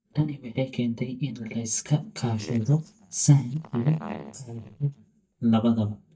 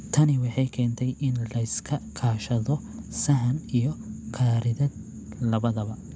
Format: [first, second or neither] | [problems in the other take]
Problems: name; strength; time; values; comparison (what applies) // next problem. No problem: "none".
second | noise reduction (neural mask model DeepFilterNet 3)